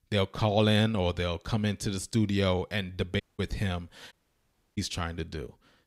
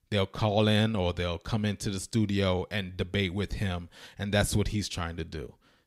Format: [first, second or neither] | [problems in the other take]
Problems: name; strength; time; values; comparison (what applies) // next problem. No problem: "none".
second | audio cutting out; at 3 s and at 4 s for 0.5 s